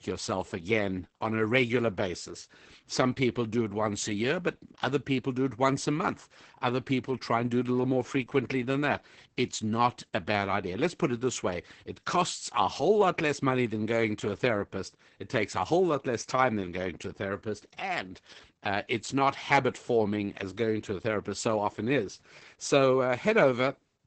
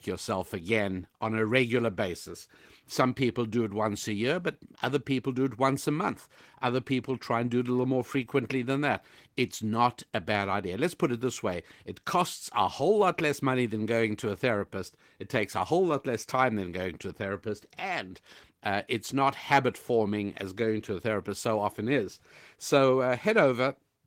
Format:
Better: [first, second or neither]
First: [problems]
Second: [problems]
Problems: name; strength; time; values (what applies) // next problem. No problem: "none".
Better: second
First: garbled, watery; badly; nothing above 8 kHz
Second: garbled, watery; slightly; nothing above 16.5 kHz